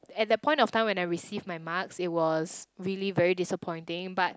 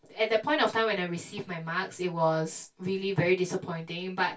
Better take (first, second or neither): first